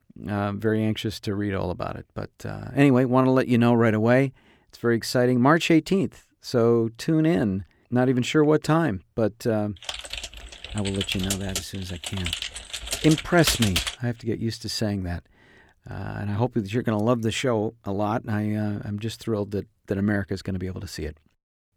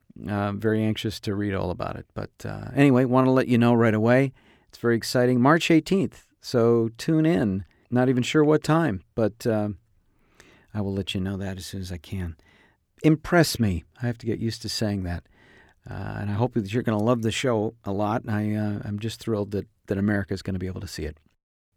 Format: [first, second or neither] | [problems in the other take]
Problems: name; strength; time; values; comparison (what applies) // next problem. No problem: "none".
second | keyboard typing; loud; from 10 to 14 s; peak 1 dB above the speech